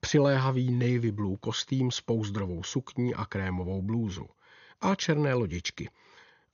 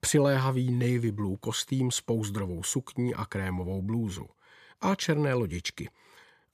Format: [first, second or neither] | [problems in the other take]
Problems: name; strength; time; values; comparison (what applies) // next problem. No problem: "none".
second | garbled, watery; slightly; nothing above 6.5 kHz